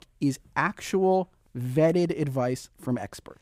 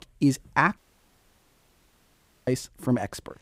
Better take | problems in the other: first | audio cutting out; at 1 s for 1.5 s

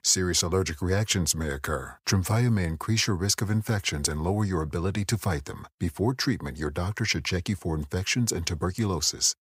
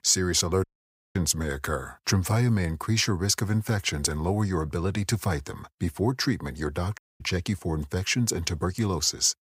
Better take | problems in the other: first | audio cutting out; at 0.5 s for 0.5 s and at 7 s

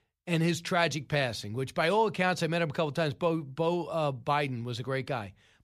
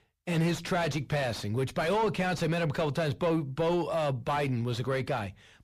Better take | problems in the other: first | distortion; heavy; 6 dB below the speech

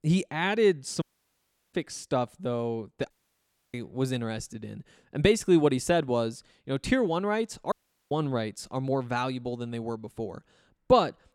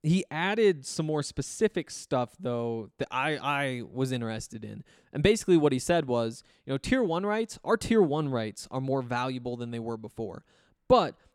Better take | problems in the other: second | audio cutting out; at 1 s for 0.5 s, at 3 s for 0.5 s and at 7.5 s

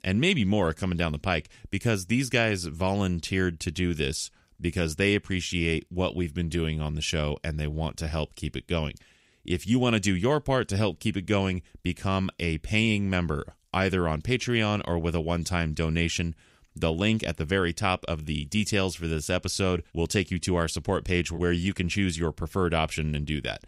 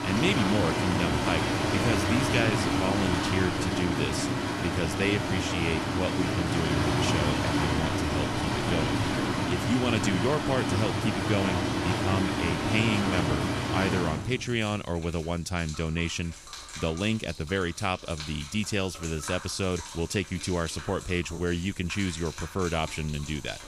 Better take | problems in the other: first | rain or running water; very loud; throughout; 2 dB above the speech

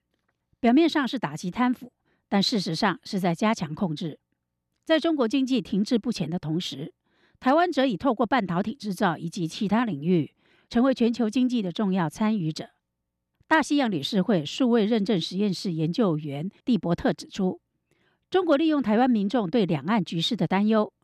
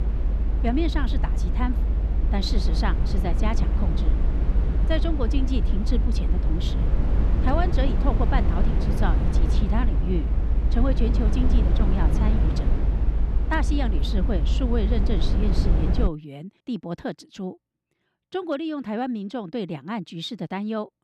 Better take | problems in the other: first | low rumble; loud; until 16 s; 5 dB below the speech

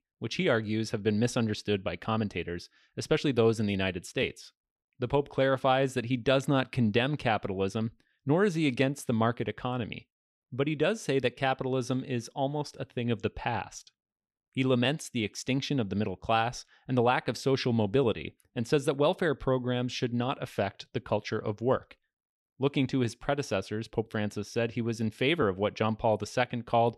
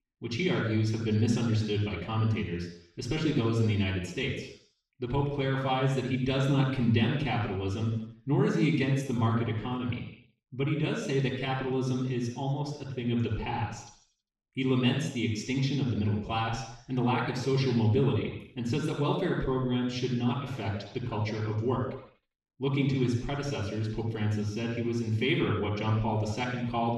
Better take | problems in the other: first | room echo; noticeable; dies away in 0.7 s // off-mic speech; far

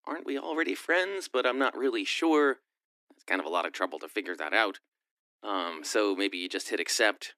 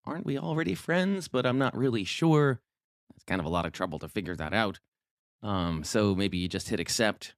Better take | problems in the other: second | thin; somewhat; fading below 300 Hz

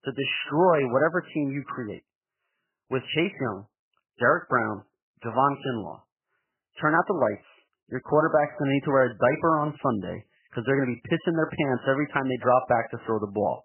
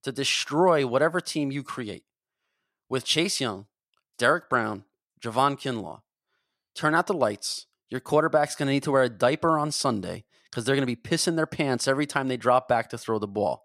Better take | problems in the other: second | garbled, watery; badly; nothing above 3 kHz

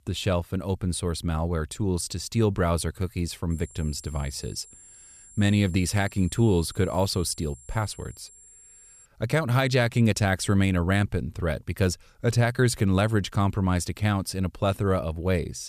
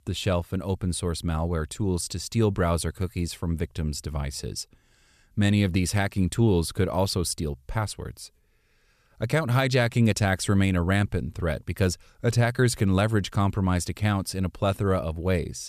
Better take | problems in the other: second | high-pitched whine; faint; from 3.5 to 9 s; 7.5 kHz, 20 dB below the speech

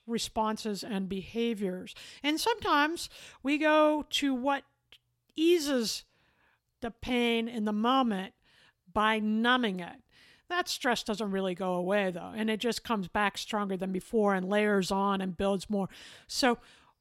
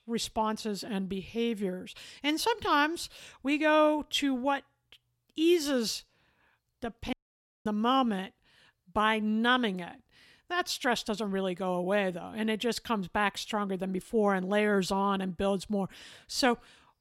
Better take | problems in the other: first | audio cutting out; at 7 s for 0.5 s

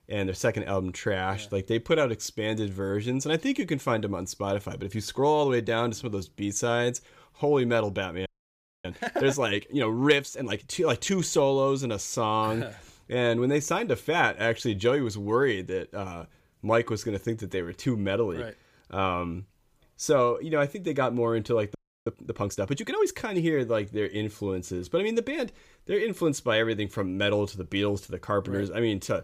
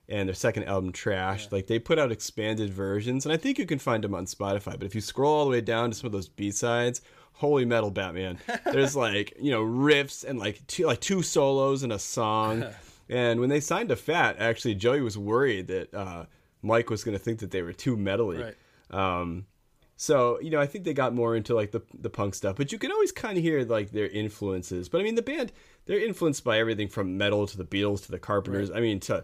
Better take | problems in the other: second | audio freezing; at 8.5 s for 0.5 s and at 22 s

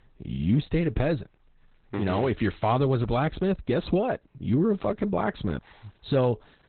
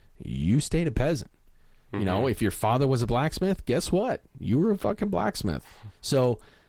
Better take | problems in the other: second | garbled, watery; badly; nothing above 4 kHz; slightly in the second

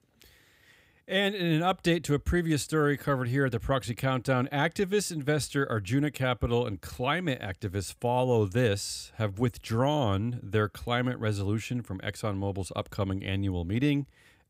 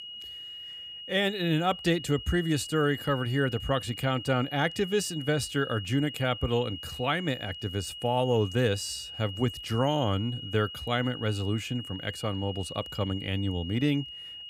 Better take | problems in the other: first | high-pitched whine; loud; throughout; 3 kHz, 10 dB below the speech

